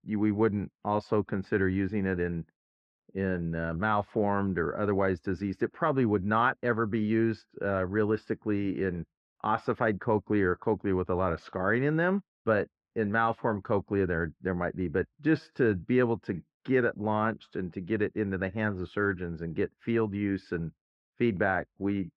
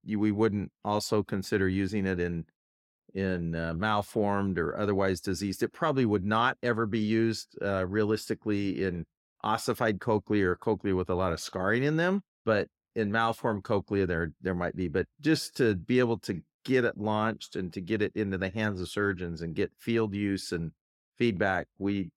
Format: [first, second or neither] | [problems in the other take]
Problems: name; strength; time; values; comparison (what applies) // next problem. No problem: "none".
second | muffled; very; fading above 2 kHz